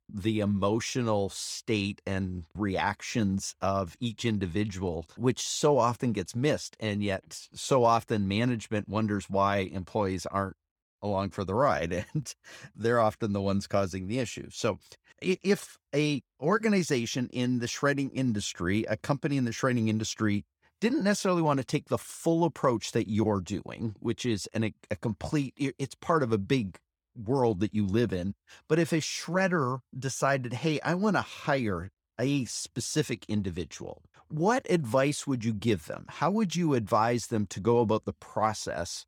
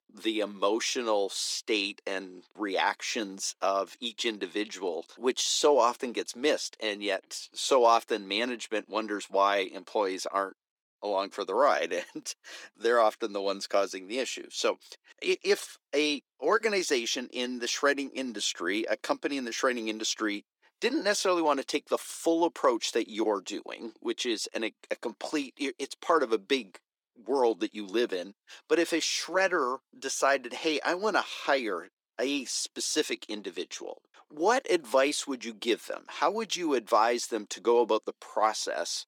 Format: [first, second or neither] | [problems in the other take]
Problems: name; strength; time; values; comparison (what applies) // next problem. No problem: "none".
first | thin; somewhat; fading below 300 Hz